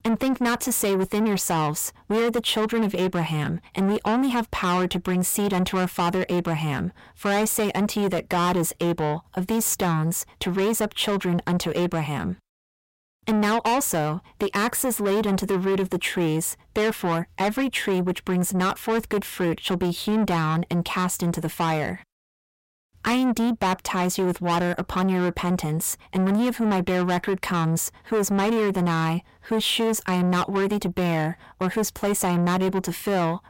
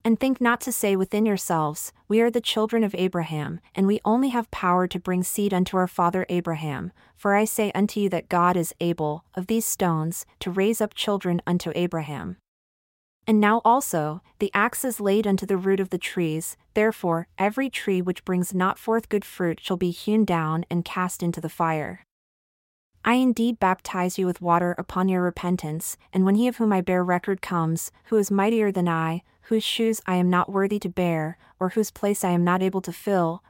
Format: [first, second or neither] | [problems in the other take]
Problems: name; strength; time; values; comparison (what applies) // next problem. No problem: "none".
second | distortion; heavy; 7 dB below the speech